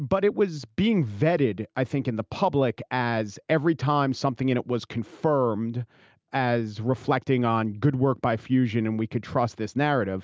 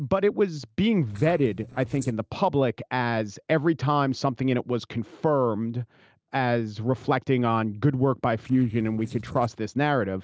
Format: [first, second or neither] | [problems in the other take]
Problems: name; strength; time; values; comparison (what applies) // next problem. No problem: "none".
first | noise reduction (neural separator model SepFormer DNS4)